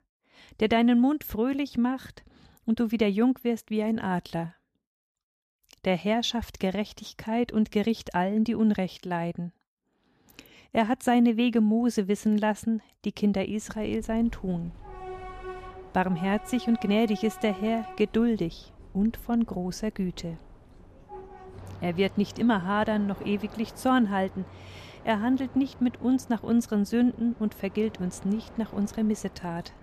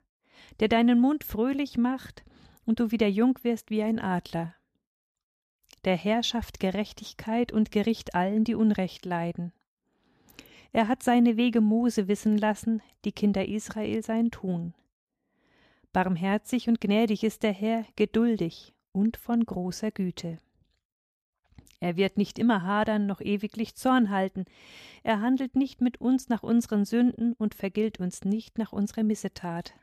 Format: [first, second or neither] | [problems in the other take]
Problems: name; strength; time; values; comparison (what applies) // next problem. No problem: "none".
second | train or aircraft noise; noticeable; from 14 s on; 20 dB below the speech